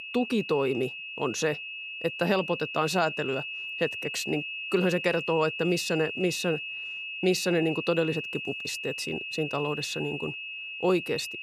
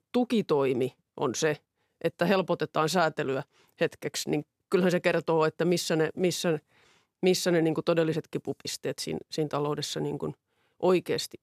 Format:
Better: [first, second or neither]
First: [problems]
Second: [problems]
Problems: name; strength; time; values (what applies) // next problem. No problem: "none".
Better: second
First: high-pitched whine; loud; throughout; 2.5 kHz, 5 dB below the speech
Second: none